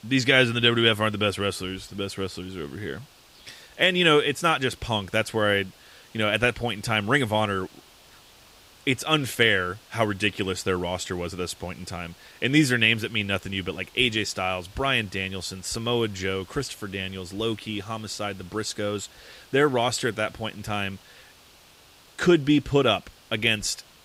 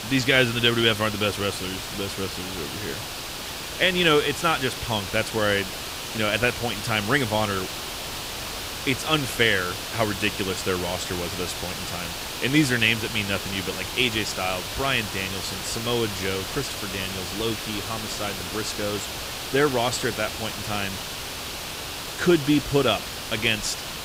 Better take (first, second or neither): first